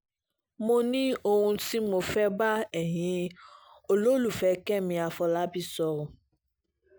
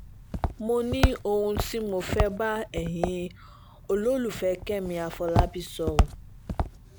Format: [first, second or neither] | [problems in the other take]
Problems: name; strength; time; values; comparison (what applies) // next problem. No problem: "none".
first | background sound (Walk, footsteps); 1 dB below the speech